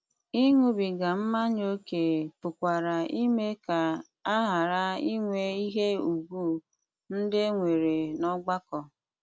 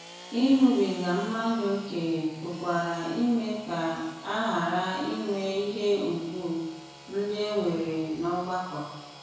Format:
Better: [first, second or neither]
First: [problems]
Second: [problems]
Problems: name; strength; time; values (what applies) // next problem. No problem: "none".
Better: first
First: none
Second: background sound (Sawing / Engine); 18 dB below the speech // room echo; dies away in 1 s